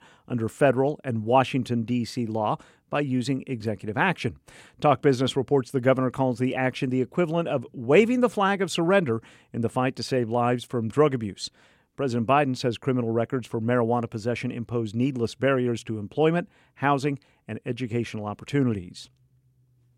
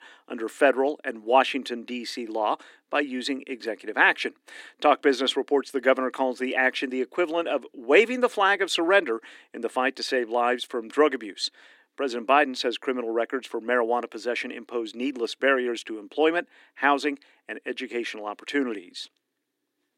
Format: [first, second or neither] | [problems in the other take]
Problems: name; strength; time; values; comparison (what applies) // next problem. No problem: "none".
first | thin; somewhat; fading below 300 Hz